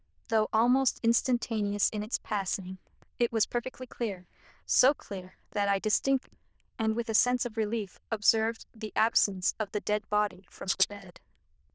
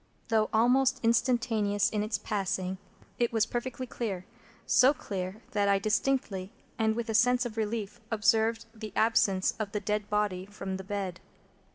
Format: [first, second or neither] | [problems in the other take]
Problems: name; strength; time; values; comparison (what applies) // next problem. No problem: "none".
second | noise reduction (neural diffusion model UNIVERSE++)